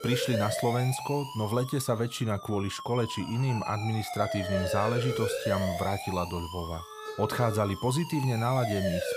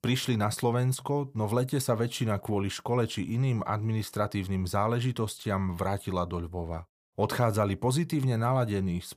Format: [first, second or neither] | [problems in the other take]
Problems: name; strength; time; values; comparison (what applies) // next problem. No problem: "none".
second | siren; noticeable; peak 1 dB below the speech